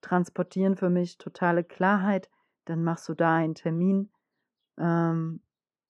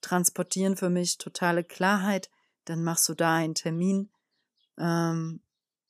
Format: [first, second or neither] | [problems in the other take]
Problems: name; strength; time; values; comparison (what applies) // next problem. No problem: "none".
second | muffled; very; fading above 1.5 kHz